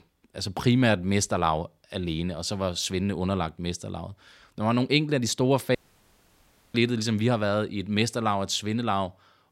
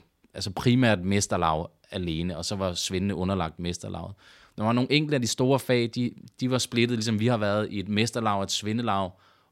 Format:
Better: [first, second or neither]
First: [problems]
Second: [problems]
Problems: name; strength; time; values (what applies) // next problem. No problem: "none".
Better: second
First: audio cutting out; at 6 s for 1 s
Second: none